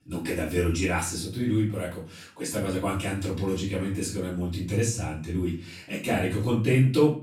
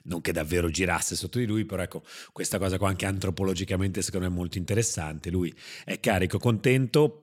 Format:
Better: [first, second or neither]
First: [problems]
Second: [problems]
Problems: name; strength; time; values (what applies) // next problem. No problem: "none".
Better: second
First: off-mic speech; far // room echo; slight; dies away in 0.4 s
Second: none